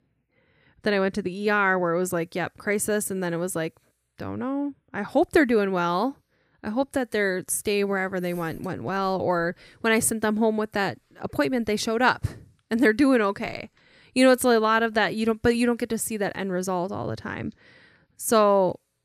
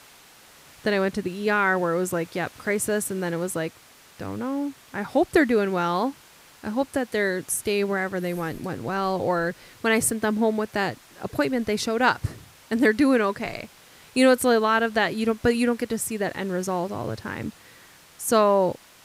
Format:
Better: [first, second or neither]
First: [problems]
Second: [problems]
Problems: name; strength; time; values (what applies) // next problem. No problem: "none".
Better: first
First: none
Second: hiss; faint; throughout; 25 dB below the speech